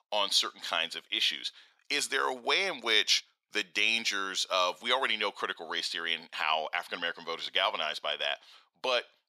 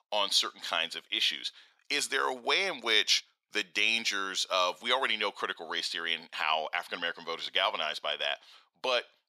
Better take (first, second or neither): neither